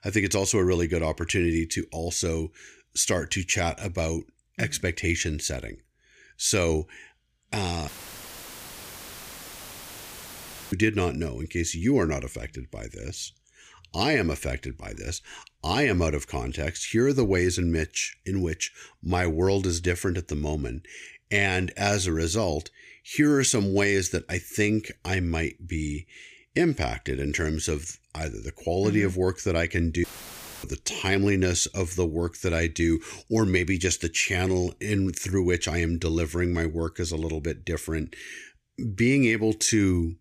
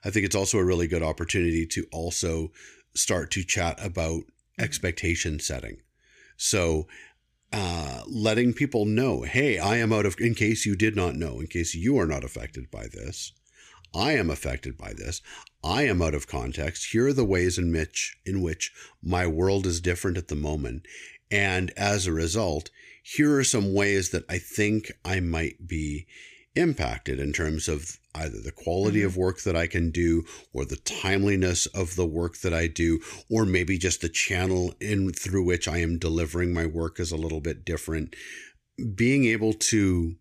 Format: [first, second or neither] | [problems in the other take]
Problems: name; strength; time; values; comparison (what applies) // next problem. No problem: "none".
second | audio cutting out; filled with static; at 8 s for 3 s and at 30 s for 0.5 s